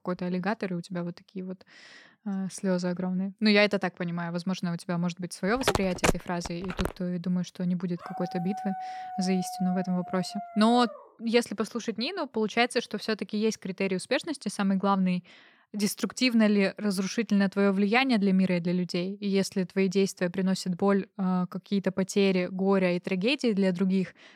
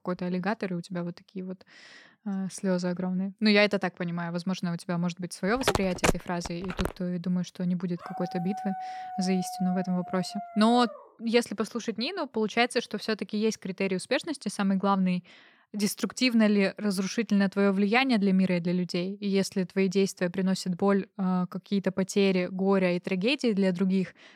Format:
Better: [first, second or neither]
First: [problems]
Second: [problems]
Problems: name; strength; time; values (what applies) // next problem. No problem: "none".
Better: neither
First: phone ringing; loud; from 5.5 to 7 s; peak 1 dB above the speech // dog barking; noticeable; from 8 to 11 s; peak 9 dB below the speech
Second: phone ringing; loud; from 5.5 to 7 s; peak 1 dB above the speech // dog barking; noticeable; from 8 to 11 s; peak 9 dB below the speech